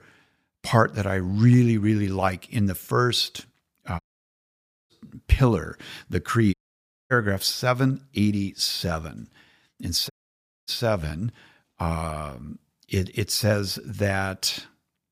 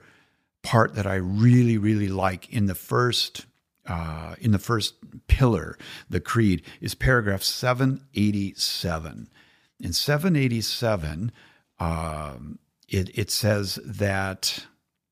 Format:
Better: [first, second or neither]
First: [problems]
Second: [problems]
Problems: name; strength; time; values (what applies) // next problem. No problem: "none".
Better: second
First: audio cutting out; at 4 s for 1 s, at 6.5 s for 0.5 s and at 10 s for 0.5 s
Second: none